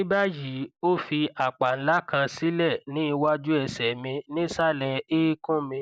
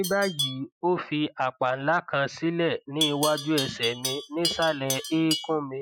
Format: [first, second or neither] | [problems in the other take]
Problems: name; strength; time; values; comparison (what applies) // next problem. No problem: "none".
first | noise reduction (classical method Wiener filter)